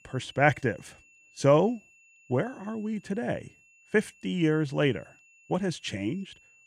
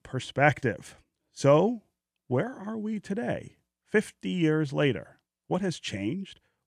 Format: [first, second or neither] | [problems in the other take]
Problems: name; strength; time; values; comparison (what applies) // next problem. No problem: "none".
second | high-pitched whine; faint; throughout; 2.5 kHz, 30 dB below the speech